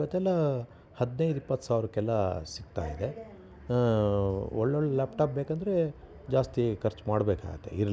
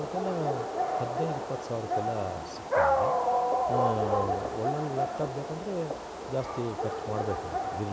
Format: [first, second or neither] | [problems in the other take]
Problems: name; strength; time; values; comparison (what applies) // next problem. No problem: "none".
first | background sound (Dog); 4 dB above the speech